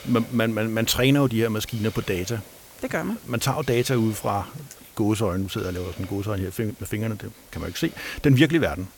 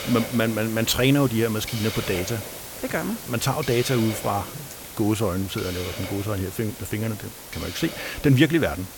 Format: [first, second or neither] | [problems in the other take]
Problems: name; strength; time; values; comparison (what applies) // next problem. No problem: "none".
first | hiss; loud; throughout; 10 dB below the speech; faint in the first